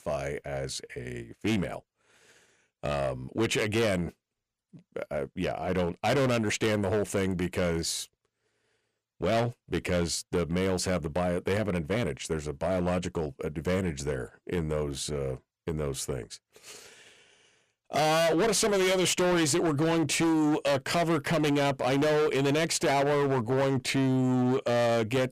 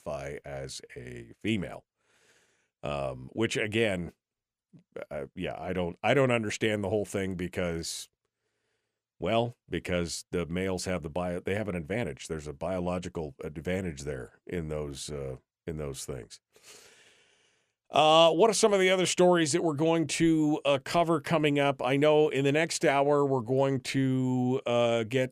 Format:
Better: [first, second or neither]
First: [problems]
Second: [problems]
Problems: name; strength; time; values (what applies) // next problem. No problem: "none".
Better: second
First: distortion; heavy; 15% of the sound clipped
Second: none